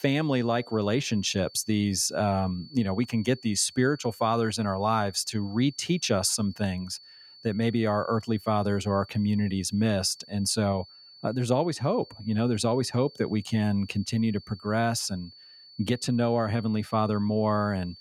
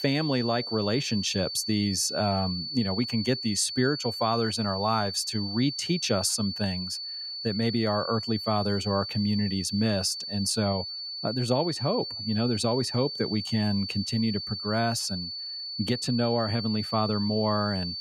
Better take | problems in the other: first | high-pitched whine; loud; throughout; 4.5 kHz, 5 dB below the speech; faint in the first

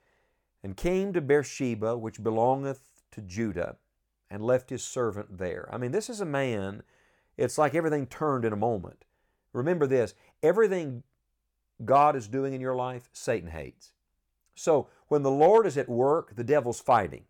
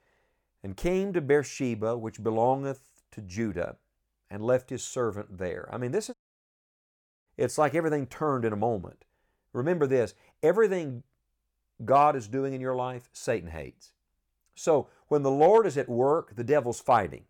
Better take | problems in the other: first | audio cutting out; at 6 s for 1 s

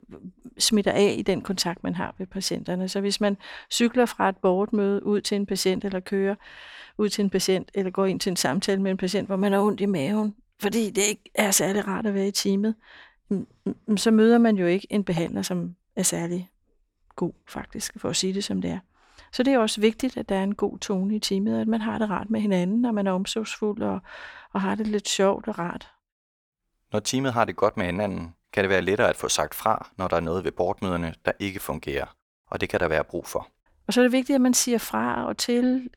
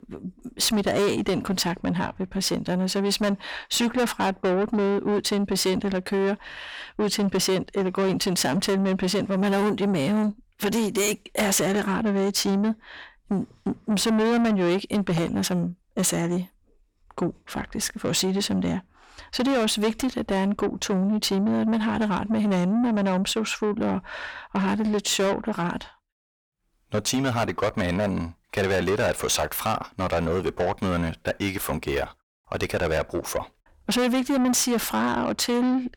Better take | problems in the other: first | distortion; heavy; 7 dB below the speech

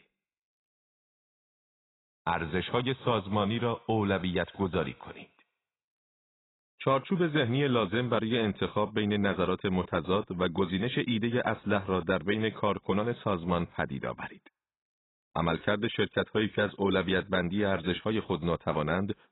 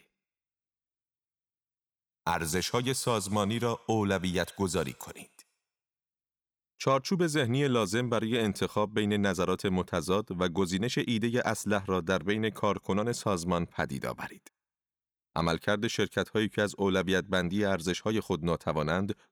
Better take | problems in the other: second | garbled, watery; badly; nothing above 4 kHz

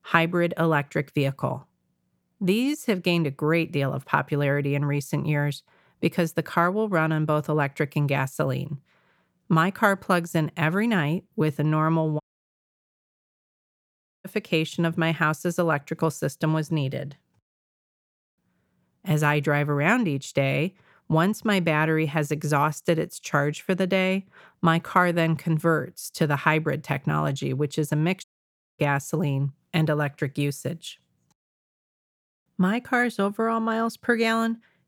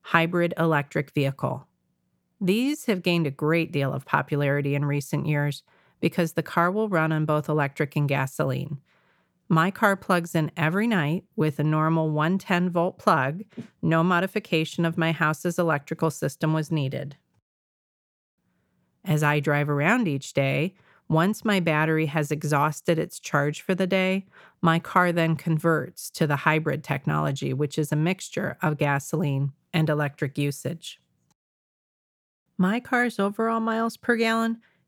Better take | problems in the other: second | audio cutting out; at 12 s for 2 s and at 28 s for 0.5 s

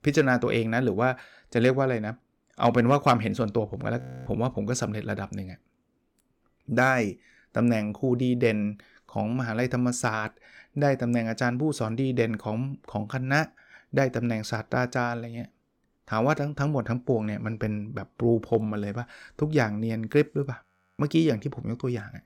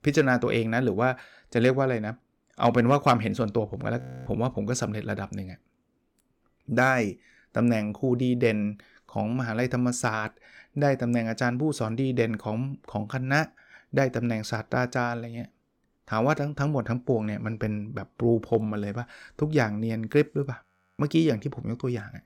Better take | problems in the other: neither | audio freezing; at 4 s and at 21 s; the same in both

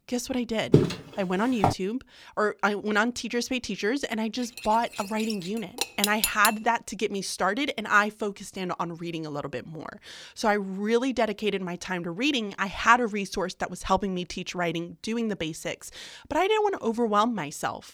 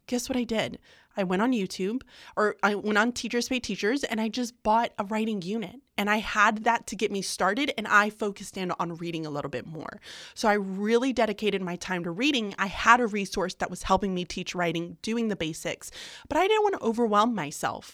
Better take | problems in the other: second | footsteps; loud; at 0.5 s; peak 5 dB above the speech // clattering dishes; loud; from 4.5 to 6.5 s; peak 1 dB above the speech

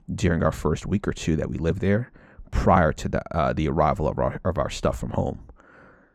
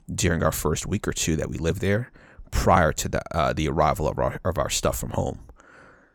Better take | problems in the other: second | muffled; slightly; fading above 2 kHz

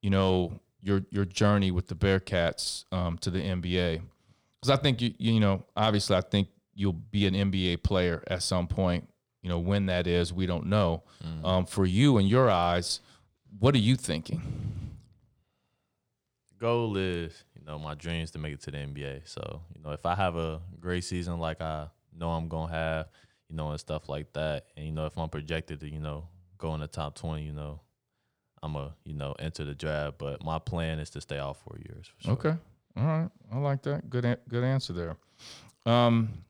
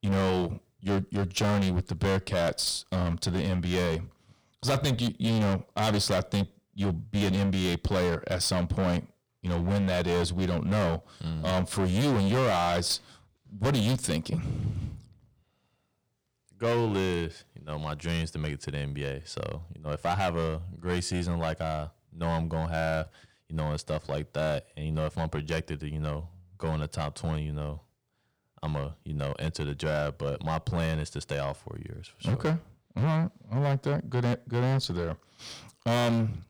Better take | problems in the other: first | distortion; heavy; 12% of the sound clipped

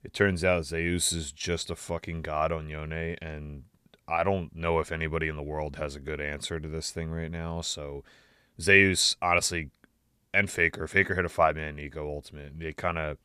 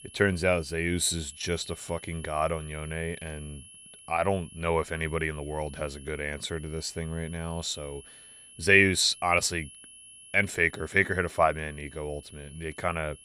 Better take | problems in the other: first | high-pitched whine; noticeable; throughout; 11 kHz, 20 dB below the speech

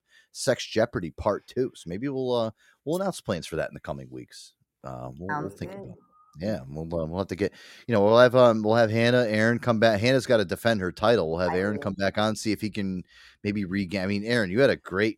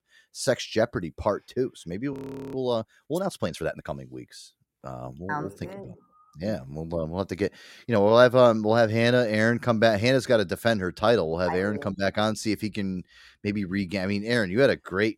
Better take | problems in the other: first | audio freezing; at 2 s

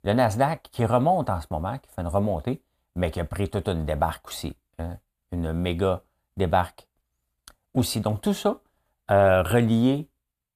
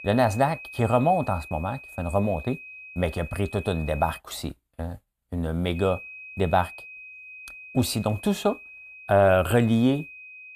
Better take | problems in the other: first | high-pitched whine; noticeable; until 4 s and from 6 s on; 2.5 kHz, 15 dB below the speech

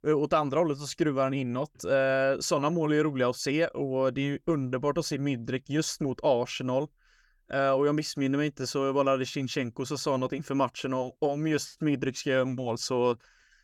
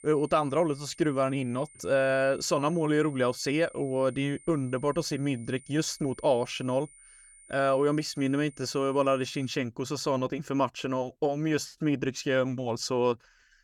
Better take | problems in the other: first | high-pitched whine; faint; until 9.5 s; 9 kHz, 25 dB below the speech

